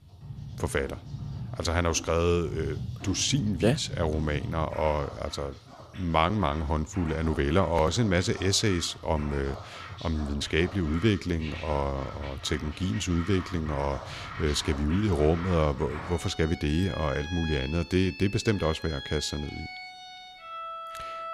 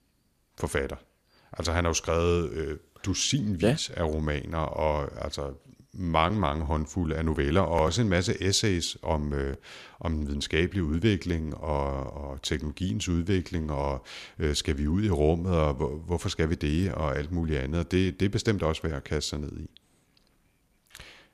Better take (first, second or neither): second